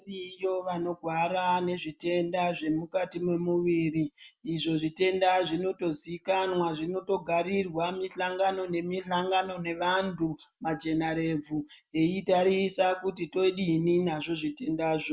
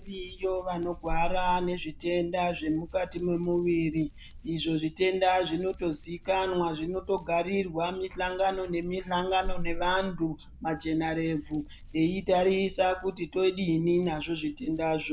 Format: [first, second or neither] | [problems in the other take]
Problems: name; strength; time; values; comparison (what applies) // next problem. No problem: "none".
first | background sound (Hands); 11 dB below the speech